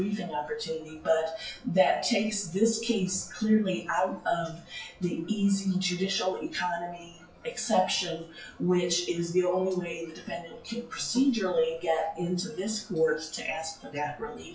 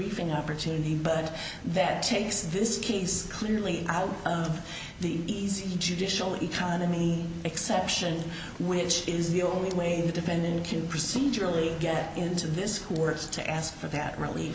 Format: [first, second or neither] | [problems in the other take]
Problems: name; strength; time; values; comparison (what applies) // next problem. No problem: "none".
second | noise reduction (classical method WPE with log-MMSE)